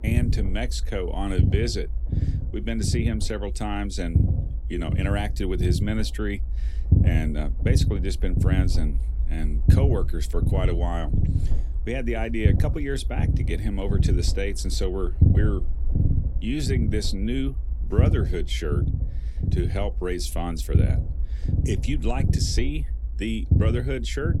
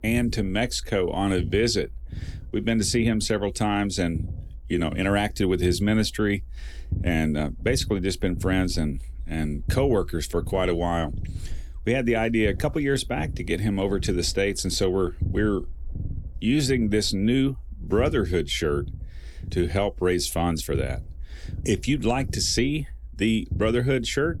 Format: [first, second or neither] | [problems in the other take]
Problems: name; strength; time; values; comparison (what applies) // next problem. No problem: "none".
second | low rumble; loud; throughout; 6 dB below the speech; faint in the second